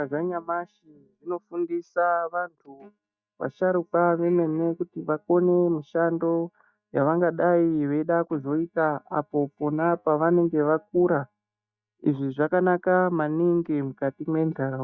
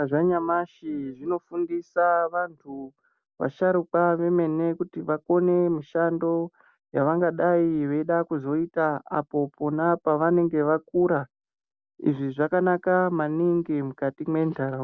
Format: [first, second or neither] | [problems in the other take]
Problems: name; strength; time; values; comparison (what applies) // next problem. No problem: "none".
second | noise reduction (neural mask model DeepFilterNet 3)